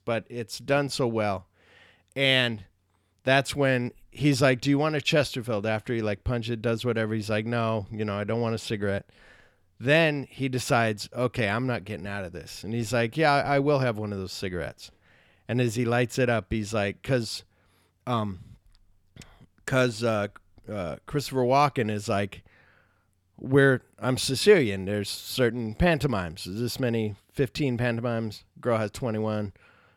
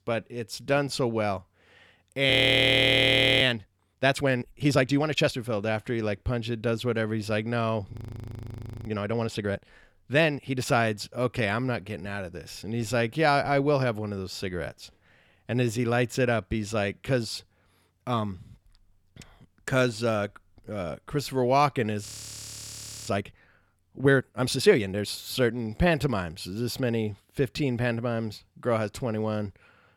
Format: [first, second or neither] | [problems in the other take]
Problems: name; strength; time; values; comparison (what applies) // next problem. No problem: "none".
first | audio freezing; at 2.5 s for 1 s, at 8 s for 1 s and at 22 s for 1 s